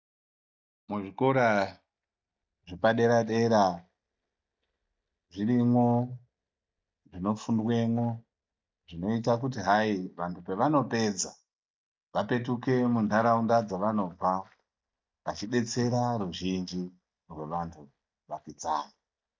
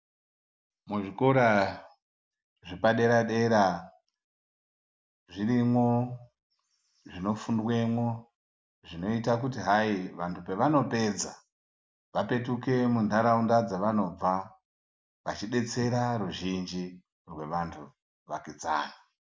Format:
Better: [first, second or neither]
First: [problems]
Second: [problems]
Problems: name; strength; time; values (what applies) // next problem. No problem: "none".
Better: second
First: noise reduction (neural mask model DeepFilterNet 3)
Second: none